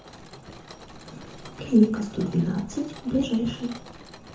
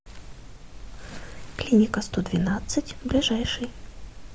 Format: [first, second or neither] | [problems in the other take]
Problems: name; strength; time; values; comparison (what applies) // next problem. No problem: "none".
second | background sound (Mechanisms); 18 dB below the speech // room echo; dies away in 0.6 s